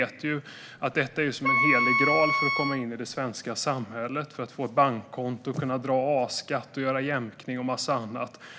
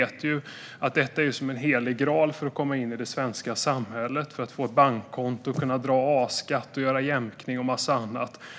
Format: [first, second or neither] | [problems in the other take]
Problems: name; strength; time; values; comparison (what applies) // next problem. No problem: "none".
second | background sound (Wind instrument, woodwind instrument); 2 dB above the speech